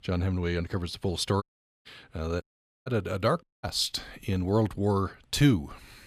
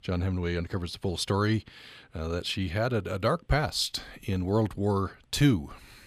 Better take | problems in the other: second | audio cutting out; at 1.5 s, at 2.5 s and at 3.5 s

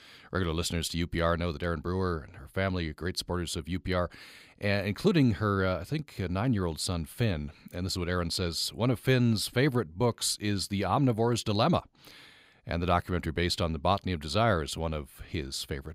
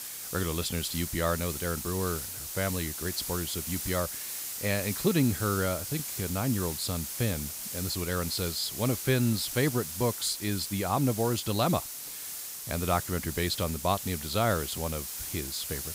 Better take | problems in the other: first | hiss; loud; throughout; 4 dB below the speech

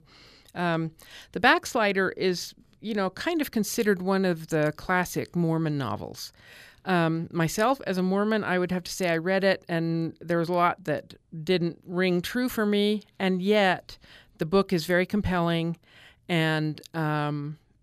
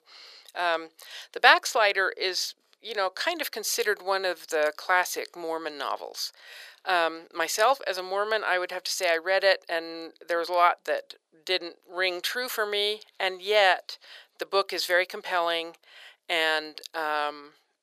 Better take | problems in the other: first | thin; very; fading below 500 Hz

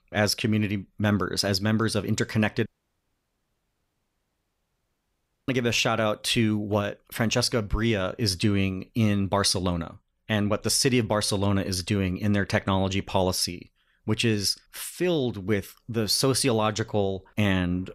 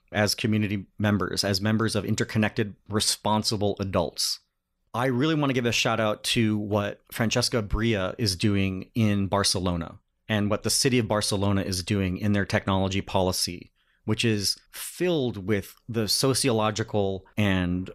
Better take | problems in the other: second | audio cutting out; at 2.5 s for 3 s

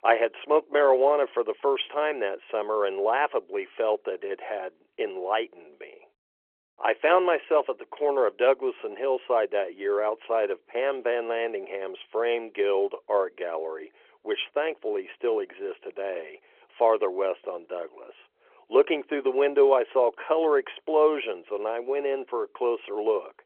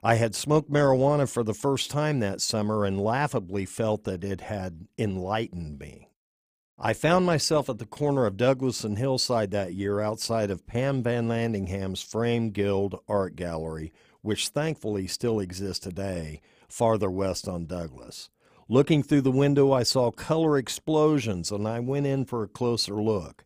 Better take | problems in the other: second | phone-call audio; nothing above 3 kHz

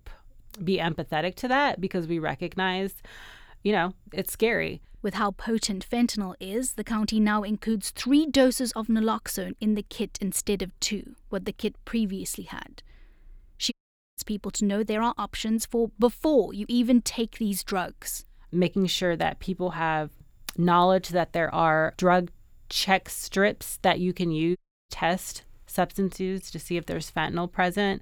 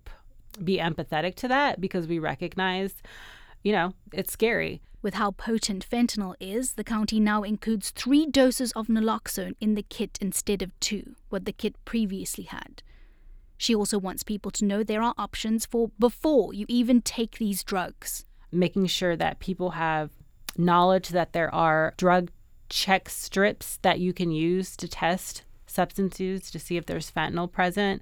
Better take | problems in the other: second | audio cutting out; at 14 s and at 25 s

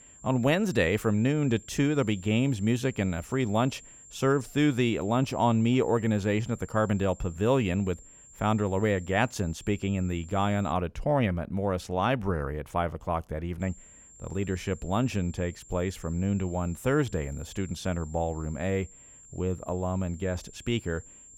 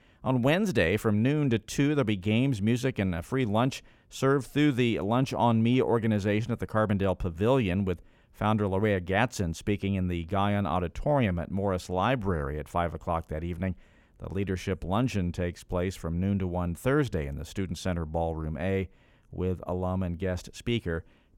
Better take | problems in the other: second | high-pitched whine; faint; until 11 s and from 14 s on; 7.5 kHz, 20 dB below the speech

